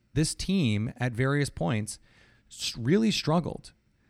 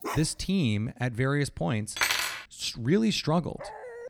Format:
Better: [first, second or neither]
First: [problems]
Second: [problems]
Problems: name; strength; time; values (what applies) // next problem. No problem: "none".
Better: first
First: none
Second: dog barking; noticeable; at the start; peak 8 dB below the speech // clattering dishes; loud; at 2 s; peak 3 dB above the speech // dog barking; faint; at 3.5 s; peak 15 dB below the speech